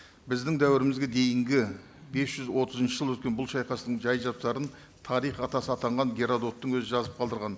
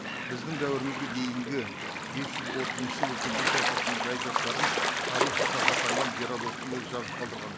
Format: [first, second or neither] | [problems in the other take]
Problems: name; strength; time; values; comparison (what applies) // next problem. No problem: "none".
first | background sound (Gull, seagull / Waves, surf); 5 dB above the speech